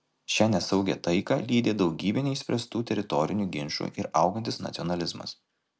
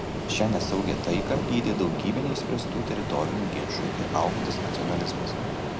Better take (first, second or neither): first